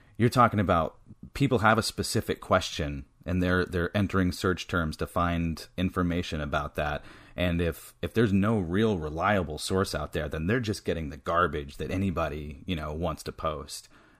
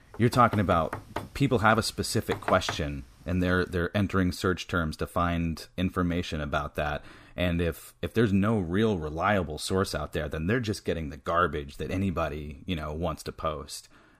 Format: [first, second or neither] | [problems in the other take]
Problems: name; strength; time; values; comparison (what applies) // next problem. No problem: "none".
first | door banging; noticeable; until 3 s; peak 6 dB below the speech